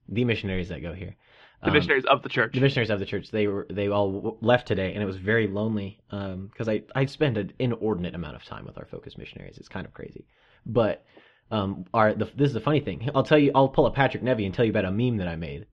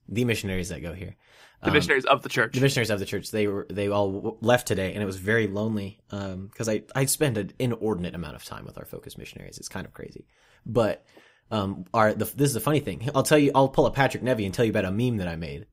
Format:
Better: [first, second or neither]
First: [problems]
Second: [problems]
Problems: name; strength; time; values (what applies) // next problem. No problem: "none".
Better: second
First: muffled; slightly; fading above 3.5 kHz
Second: none